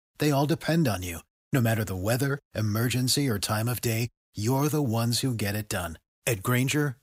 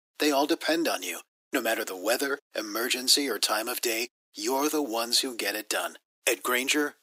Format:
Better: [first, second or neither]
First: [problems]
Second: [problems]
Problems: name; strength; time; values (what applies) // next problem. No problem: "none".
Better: first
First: none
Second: thin; somewhat; fading below 300 Hz